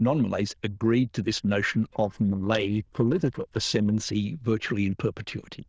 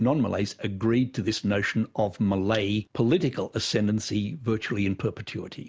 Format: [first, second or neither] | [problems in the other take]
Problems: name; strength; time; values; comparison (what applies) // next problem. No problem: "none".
second | noise reduction (neural diffusion model UNIVERSE++)